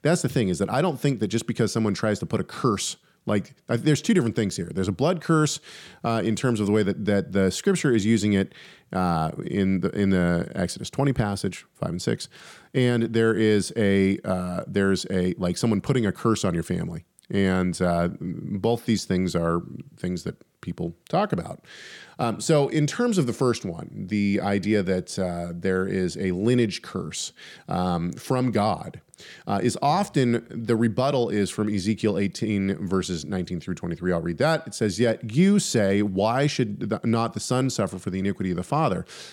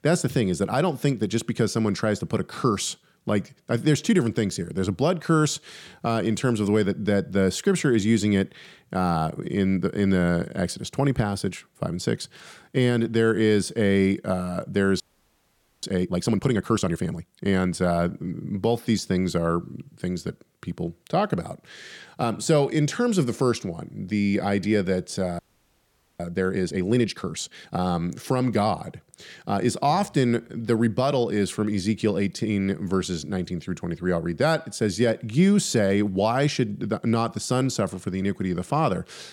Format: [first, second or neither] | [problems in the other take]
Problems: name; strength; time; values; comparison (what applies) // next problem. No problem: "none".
first | audio freezing; at 15 s for 1 s and at 25 s for 1 s